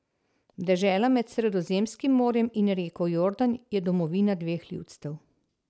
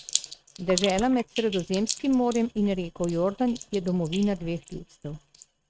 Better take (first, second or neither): first